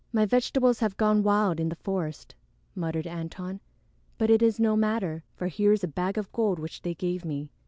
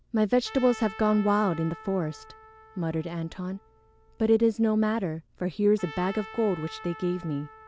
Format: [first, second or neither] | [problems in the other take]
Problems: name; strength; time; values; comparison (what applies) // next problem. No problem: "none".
first | background sound (Trumpet); 19 dB below the speech